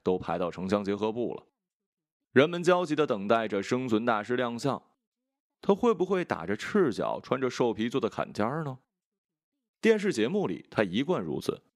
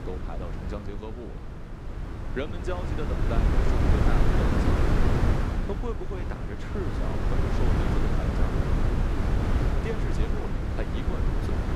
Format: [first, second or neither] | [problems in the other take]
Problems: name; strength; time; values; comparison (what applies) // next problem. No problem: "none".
first | wind noise on the microphone; heavy; 5 dB above the speech